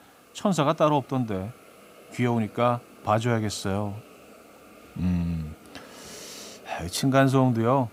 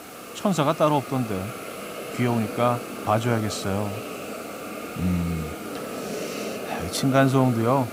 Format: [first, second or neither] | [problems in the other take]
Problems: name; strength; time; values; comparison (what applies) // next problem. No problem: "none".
first | hiss; loud; throughout; 9 dB below the speech; faint in the first